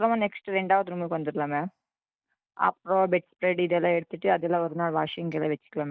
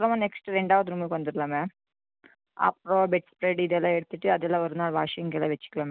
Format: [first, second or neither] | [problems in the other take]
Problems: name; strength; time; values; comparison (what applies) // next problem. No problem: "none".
second | noise reduction (neural mask model DeepFilterNet 3)